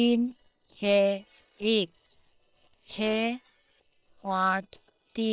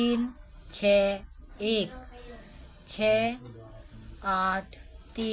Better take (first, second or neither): second